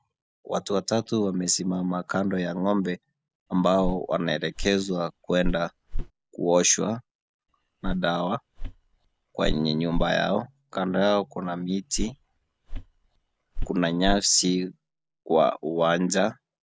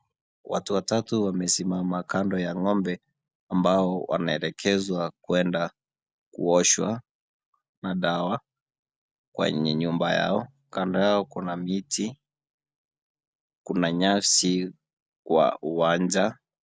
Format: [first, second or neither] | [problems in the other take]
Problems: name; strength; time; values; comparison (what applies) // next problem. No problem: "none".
second | background sound (Walk, footsteps); 7 dB below the speech